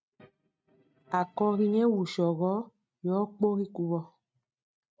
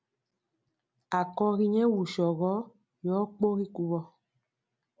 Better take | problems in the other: second | noise reduction (neural mask model RNNoise)

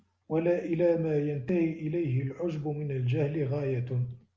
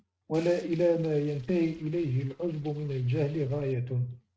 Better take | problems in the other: first | noise reduction (neural mask model RNNoise)

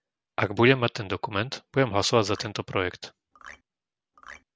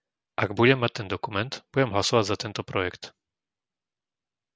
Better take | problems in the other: second | background sound (Marimba, xylophone); 19 dB below the speech

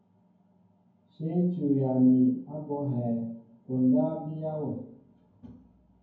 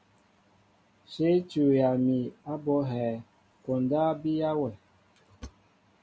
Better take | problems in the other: second | room echo; dies away in 0.9 s

